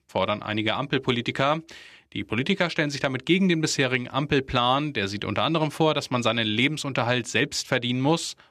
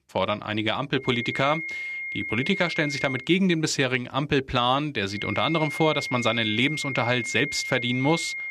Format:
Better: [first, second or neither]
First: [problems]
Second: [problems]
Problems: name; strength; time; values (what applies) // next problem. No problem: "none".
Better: first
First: none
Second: high-pitched whine; loud; from 1 to 3 s and from 5 s on; 2 kHz, 6 dB below the speech